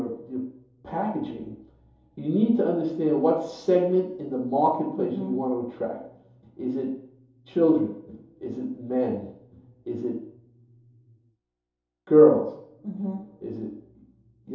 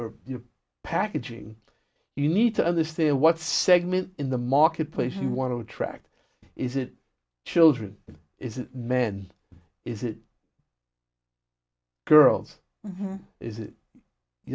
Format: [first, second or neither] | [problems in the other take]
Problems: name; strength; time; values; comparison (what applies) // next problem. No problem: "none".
second | room echo; dies away in 2.8 s